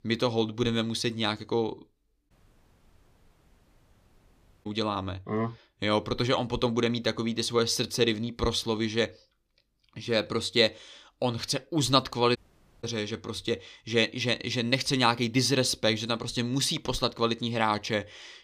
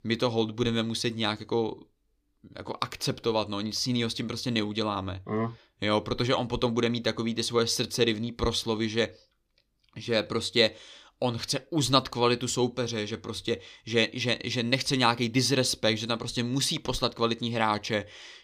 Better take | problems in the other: second | audio cutting out; at 2.5 s for 2.5 s and at 12 s

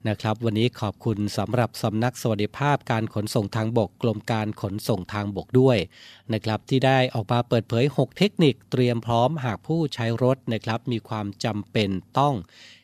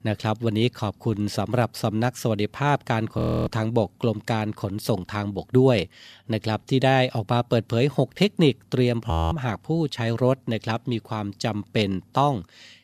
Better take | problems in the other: first | audio freezing; at 3 s and at 9 s

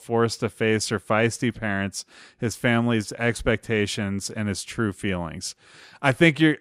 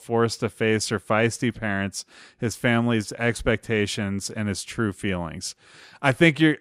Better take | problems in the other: neither | none

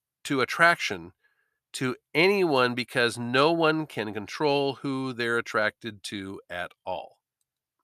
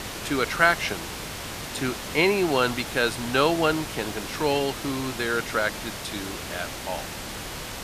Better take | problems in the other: first | hiss; loud; throughout; 8 dB below the speech

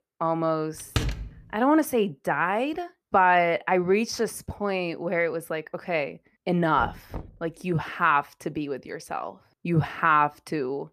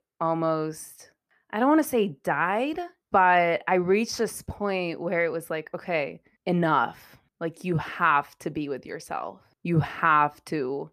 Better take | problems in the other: second | door banging; noticeable; at 1 s; peak 4 dB below the speech // door banging; faint; at 7 s; peak 15 dB below the speech

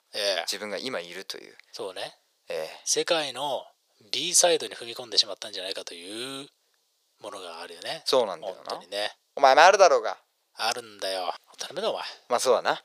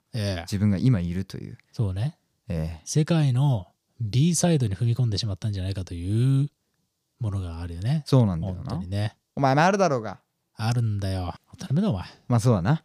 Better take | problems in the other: second | thin; very; fading below 500 Hz

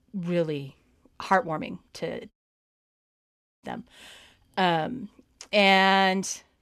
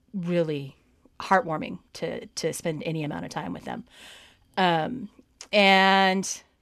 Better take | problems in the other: second | audio cutting out; at 2.5 s for 1.5 s

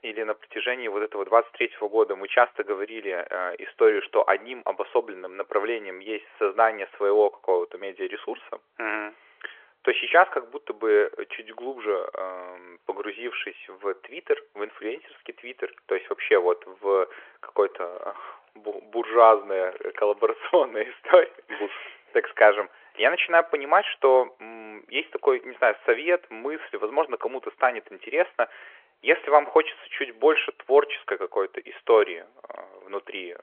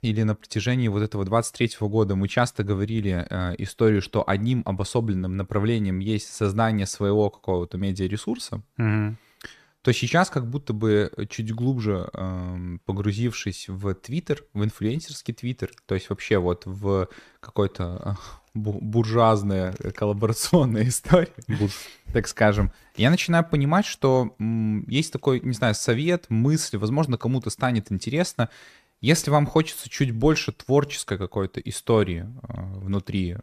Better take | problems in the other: second | phone-call audio

